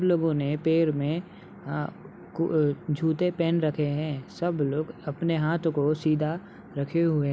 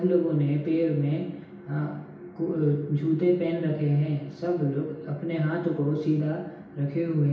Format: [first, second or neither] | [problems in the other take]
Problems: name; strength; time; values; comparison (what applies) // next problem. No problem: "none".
first | room echo; dies away in 0.9 s